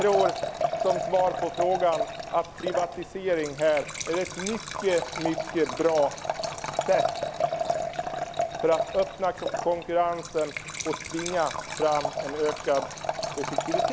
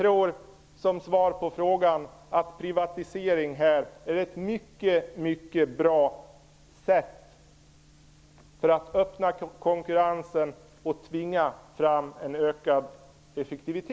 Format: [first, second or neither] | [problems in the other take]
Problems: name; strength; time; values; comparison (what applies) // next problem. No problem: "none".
second | background sound (Liquid); 3 dB below the speech